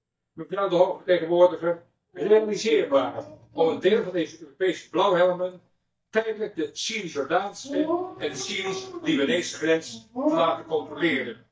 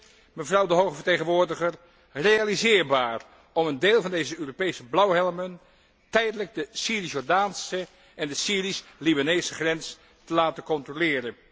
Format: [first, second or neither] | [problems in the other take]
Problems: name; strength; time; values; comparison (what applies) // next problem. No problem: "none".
second | noise reduction (neural mask model DeepFilterNet 3)